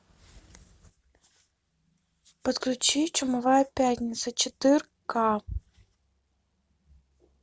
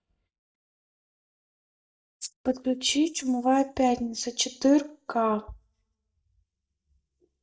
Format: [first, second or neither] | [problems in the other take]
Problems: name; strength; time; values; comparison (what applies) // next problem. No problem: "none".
first | noise reduction (neural mask model DeepFilterNet 3)